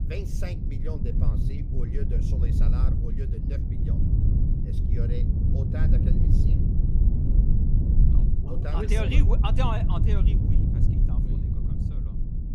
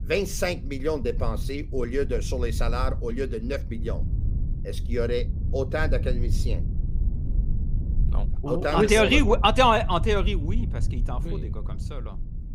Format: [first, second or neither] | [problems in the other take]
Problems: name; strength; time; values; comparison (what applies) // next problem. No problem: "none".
second | low rumble; loud; throughout; 2 dB below the speech; faint in the second